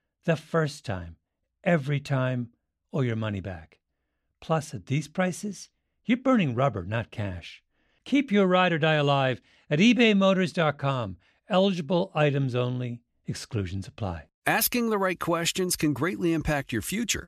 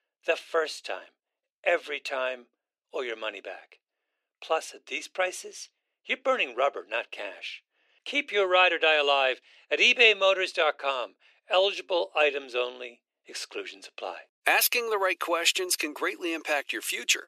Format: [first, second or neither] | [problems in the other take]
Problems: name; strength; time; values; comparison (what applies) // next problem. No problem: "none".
first | thin; very; fading below 400 Hz